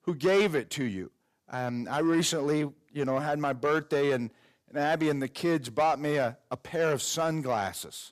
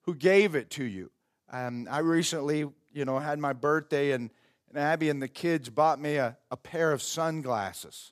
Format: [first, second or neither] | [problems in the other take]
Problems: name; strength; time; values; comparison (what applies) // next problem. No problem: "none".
second | distortion; slight; 10 dB below the speech